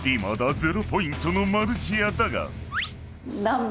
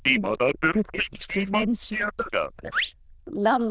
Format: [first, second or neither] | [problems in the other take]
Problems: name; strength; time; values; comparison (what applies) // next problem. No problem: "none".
first | noise reduction (neural diffusion model UNIVERSE++)